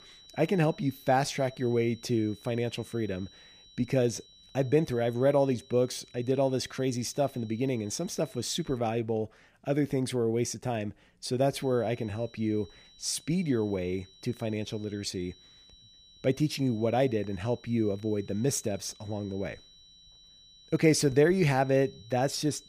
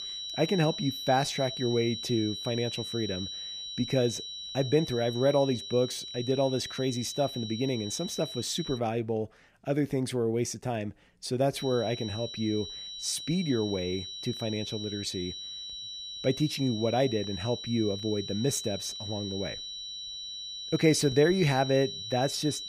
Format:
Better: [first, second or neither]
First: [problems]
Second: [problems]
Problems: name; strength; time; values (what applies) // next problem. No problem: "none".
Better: first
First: high-pitched whine; faint; until 9 s and from 12 s on; 4 kHz, 25 dB below the speech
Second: high-pitched whine; loud; until 9 s and from 12 s on; 4 kHz, 7 dB below the speech